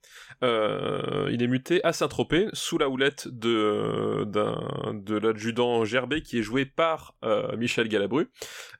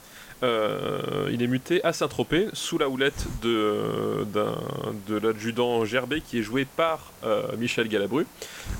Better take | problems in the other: first | hiss; noticeable; throughout; 20 dB below the speech

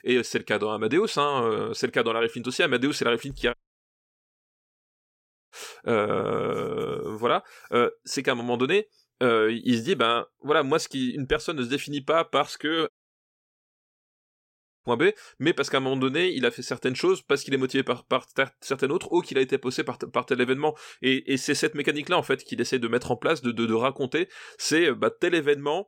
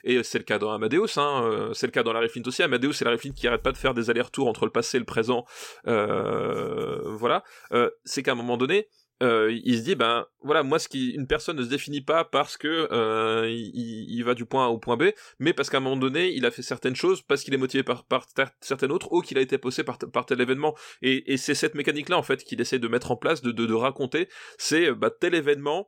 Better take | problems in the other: second | audio cutting out; at 3.5 s for 2 s and at 13 s for 2 s

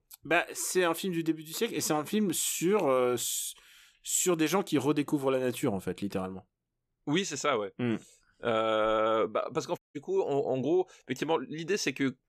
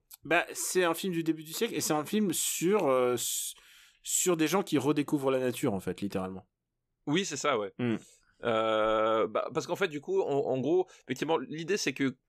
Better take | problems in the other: second | audio cutting out; at 10 s

